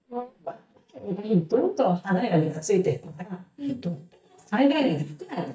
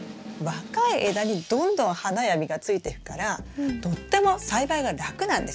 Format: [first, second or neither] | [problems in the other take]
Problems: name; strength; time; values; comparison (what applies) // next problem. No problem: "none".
second | noise reduction (neural mask model DeepFilterNet 3)